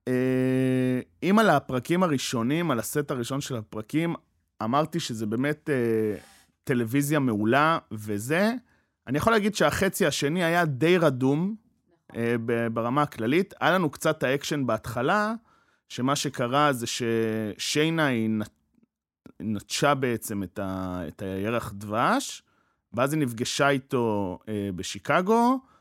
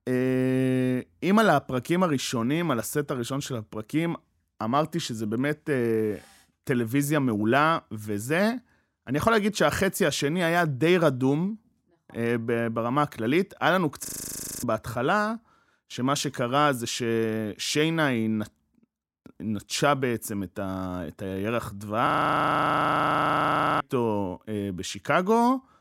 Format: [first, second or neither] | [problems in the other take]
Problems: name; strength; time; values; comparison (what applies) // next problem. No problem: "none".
first | audio freezing; at 14 s for 0.5 s and at 22 s for 1.5 s